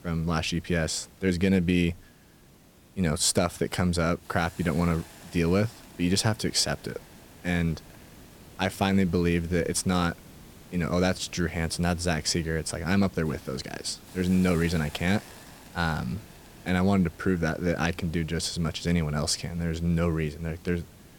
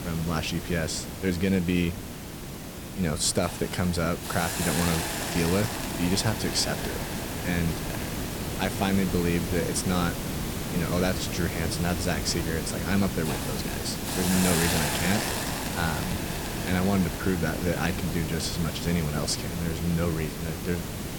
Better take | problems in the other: first | hiss; loud; throughout; 3 dB below the speech; faint in the first

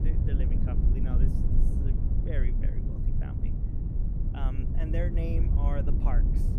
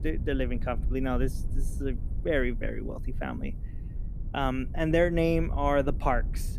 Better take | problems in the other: second | low rumble; loud; throughout; 1 dB below the speech; faint in the second

